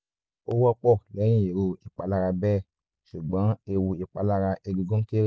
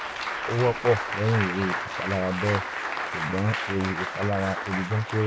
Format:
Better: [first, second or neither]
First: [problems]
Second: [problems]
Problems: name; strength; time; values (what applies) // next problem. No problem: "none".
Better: first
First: none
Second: background sound (Applause); 4 dB below the speech